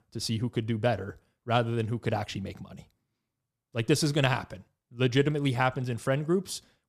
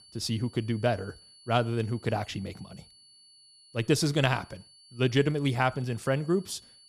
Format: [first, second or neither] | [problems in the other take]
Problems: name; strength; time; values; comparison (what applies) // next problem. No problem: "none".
first | high-pitched whine; faint; throughout; 4.5 kHz, 25 dB below the speech